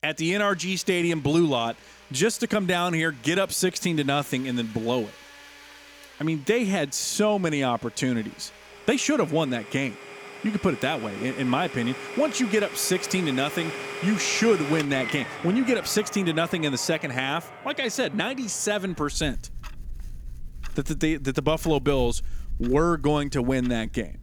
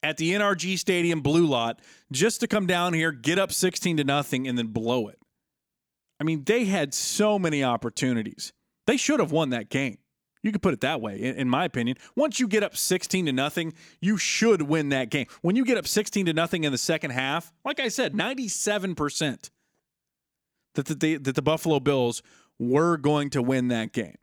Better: second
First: household noises; noticeable; throughout; 15 dB below the speech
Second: none

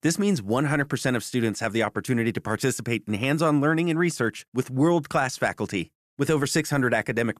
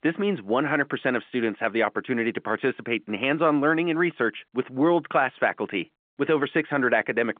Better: first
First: none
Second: phone-call audio

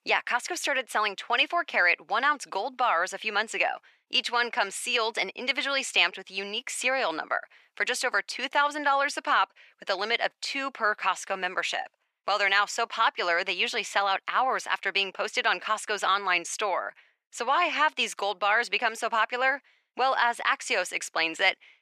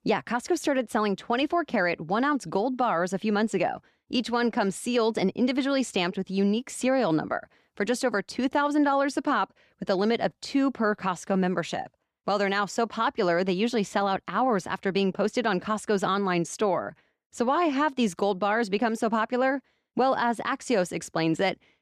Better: second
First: thin; very; fading below 800 Hz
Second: none

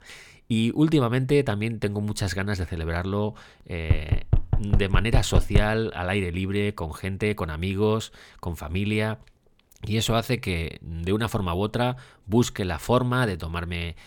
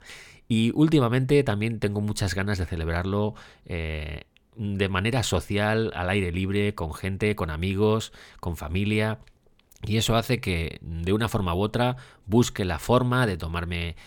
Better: second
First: door banging; loud; from 4 to 5.5 s; peak 1 dB above the speech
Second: none

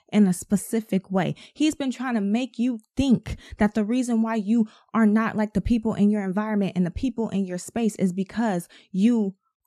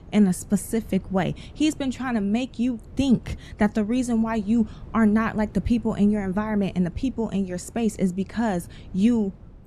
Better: first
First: none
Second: wind noise on the microphone; occasional gusts; 25 dB below the speech

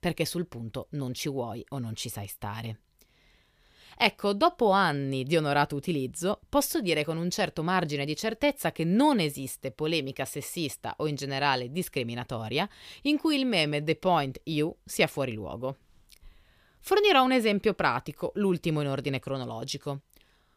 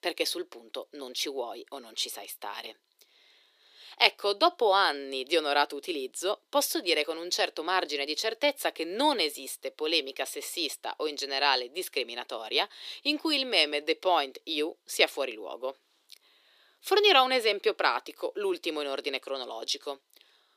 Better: first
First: none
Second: thin; somewhat; fading below 350 Hz

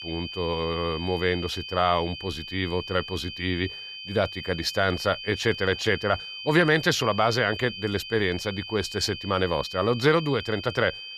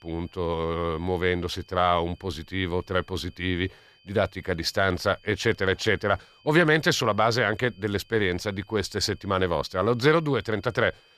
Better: second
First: high-pitched whine; loud; throughout; 3 kHz, 9 dB below the speech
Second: high-pitched whine; faint; throughout; 3 kHz, 30 dB below the speech

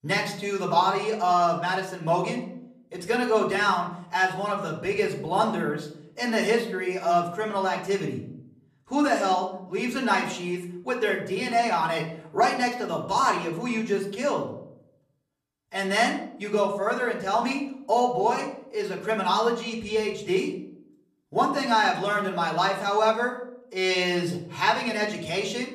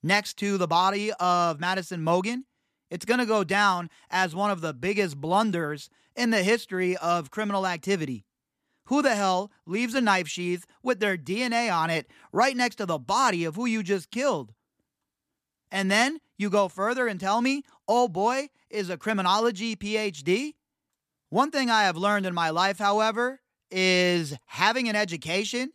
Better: second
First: off-mic speech; far // room echo; slight; dies away in 0.6 s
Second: none

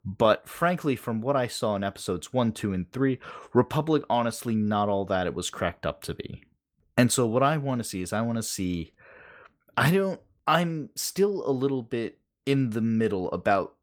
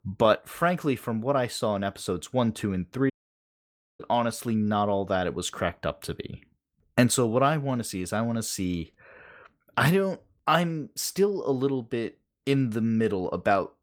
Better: first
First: none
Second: audio cutting out; at 3 s for 1 s

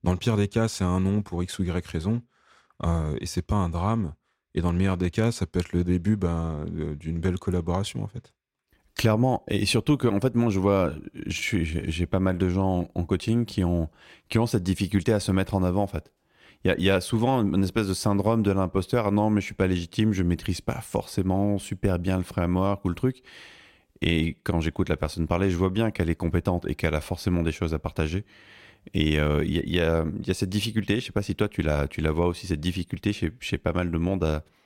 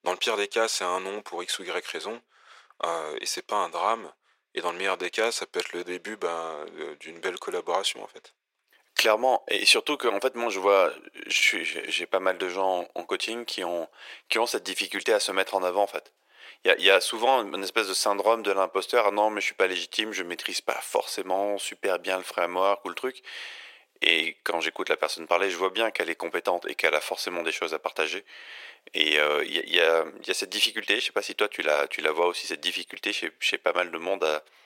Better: first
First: none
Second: thin; very; fading below 450 Hz

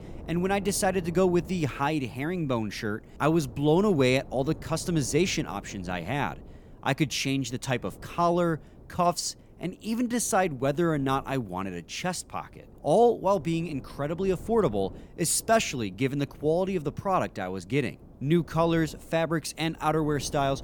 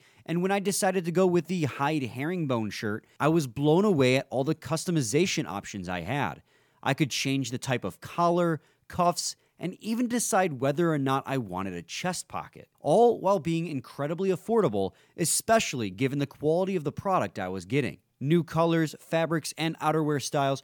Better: second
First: wind noise on the microphone; occasional gusts; 25 dB below the speech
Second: none

